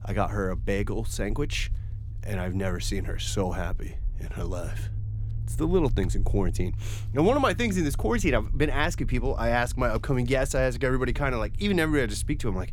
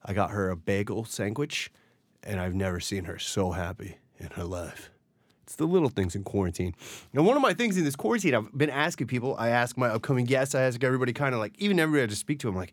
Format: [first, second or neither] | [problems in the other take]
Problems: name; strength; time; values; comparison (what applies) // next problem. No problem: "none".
second | low rumble; faint; throughout; 20 dB below the speech